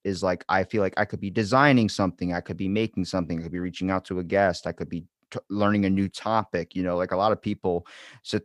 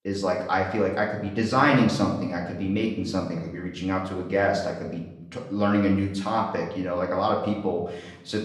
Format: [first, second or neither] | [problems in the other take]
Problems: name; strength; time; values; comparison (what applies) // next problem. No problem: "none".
first | room echo; noticeable; dies away in 0.8 s // off-mic speech; far